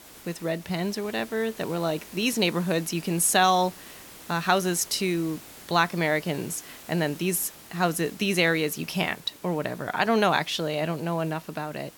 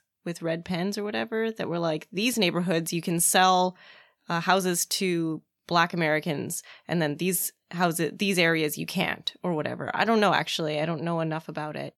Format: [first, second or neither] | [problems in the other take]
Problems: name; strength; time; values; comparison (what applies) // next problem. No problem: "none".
second | hiss; noticeable; throughout; 20 dB below the speech